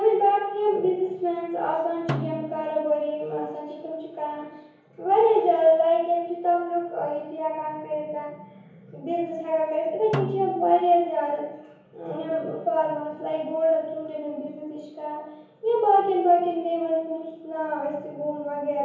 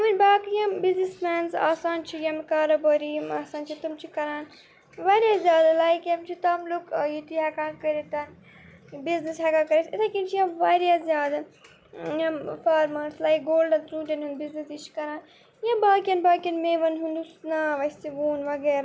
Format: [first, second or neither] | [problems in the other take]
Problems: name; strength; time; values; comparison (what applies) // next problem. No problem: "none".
second | background sound (Snare drum); 11 dB below the speech // room echo; dies away in 1 s